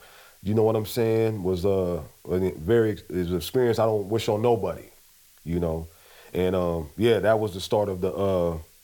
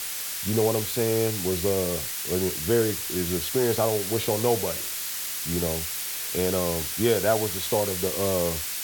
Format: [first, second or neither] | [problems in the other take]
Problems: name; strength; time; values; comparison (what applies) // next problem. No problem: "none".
first | hiss; loud; throughout; 2 dB below the speech; faint in the first